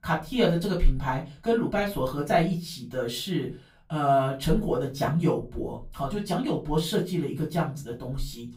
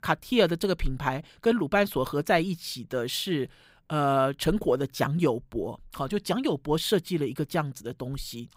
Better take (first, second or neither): second